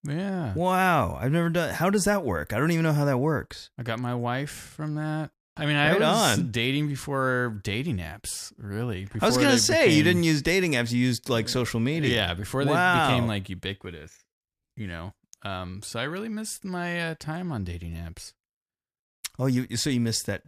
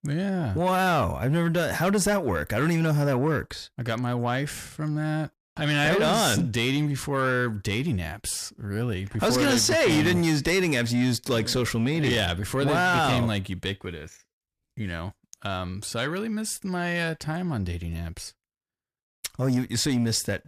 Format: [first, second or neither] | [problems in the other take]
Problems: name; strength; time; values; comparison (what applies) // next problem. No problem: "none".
first | distortion; slight; 10 dB below the speech